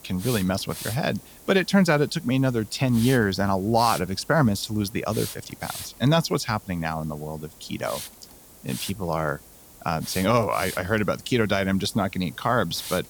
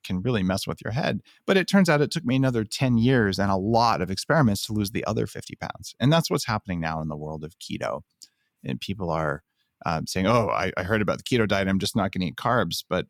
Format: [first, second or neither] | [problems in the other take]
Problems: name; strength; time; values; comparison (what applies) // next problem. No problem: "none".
second | hiss; noticeable; throughout; 15 dB below the speech